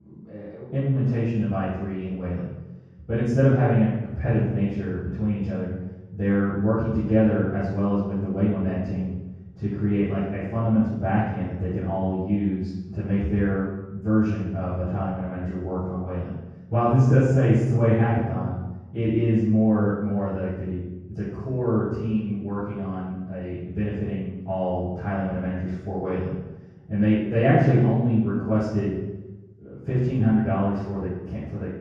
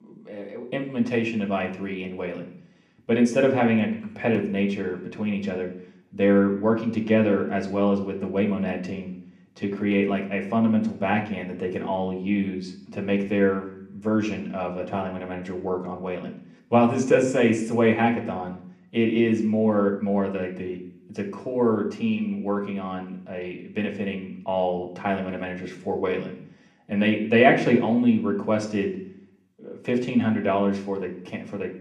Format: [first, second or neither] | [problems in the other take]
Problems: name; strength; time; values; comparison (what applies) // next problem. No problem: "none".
second | room echo; strong; dies away in 1.3 s; slight in the second // off-mic speech; far; somewhat distant in the second